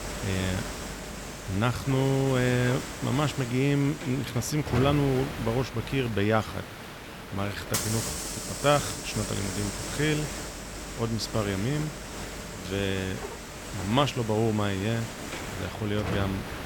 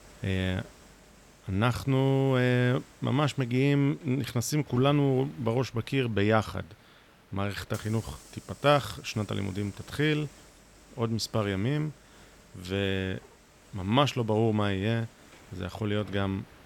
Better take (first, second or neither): second